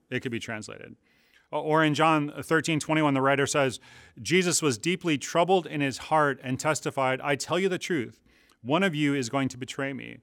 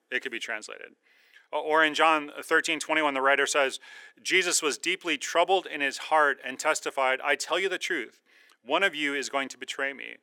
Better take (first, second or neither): first